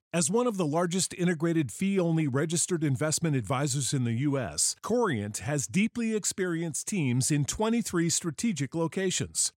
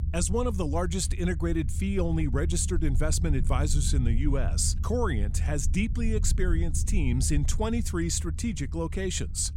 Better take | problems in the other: first | low rumble; noticeable; throughout; 15 dB below the speech

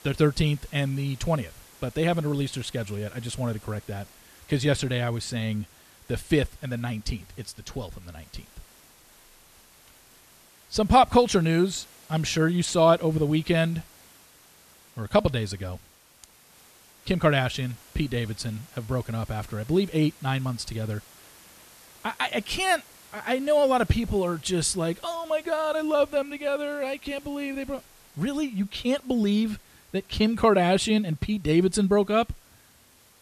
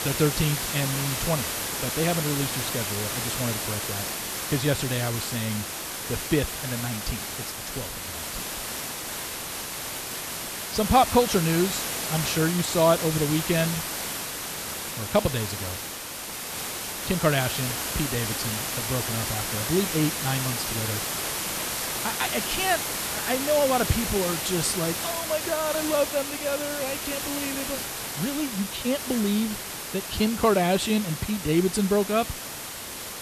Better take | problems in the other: first | hiss; loud; throughout; 2 dB below the speech; faint in the first

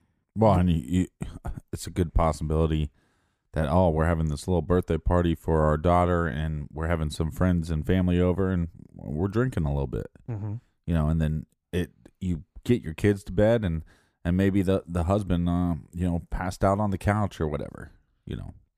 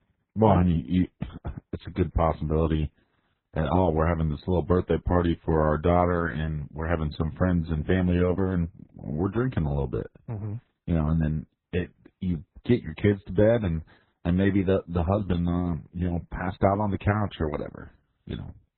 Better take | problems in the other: first | garbled, watery; badly; nothing above 4 kHz

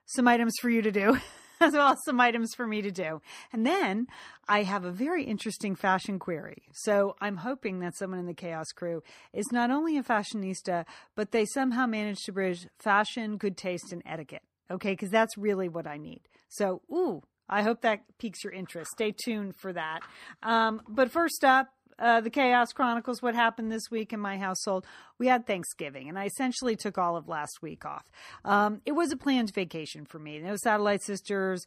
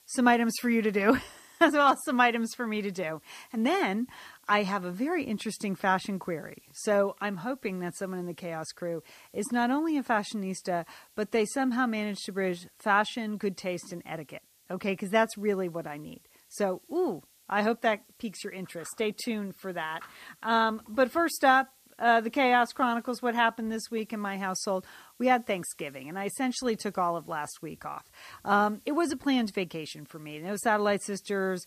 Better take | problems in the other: first | hiss; faint; throughout; 30 dB below the speech

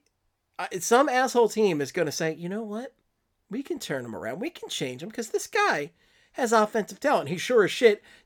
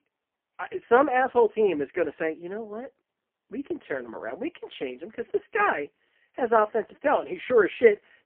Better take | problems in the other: first | phone-call audio; poor line; nothing above 3 kHz

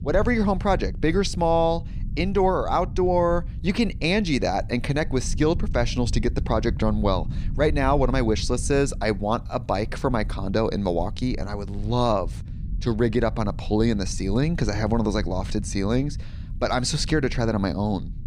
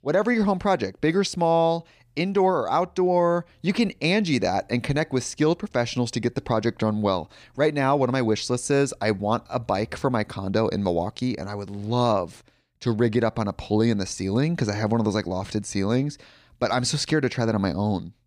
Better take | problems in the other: second | low rumble; faint; throughout; 20 dB below the speech

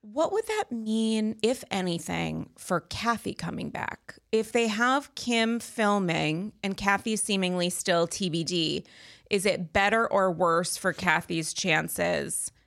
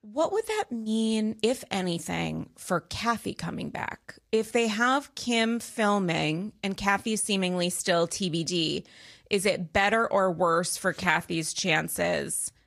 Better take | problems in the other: first | garbled, watery; slightly

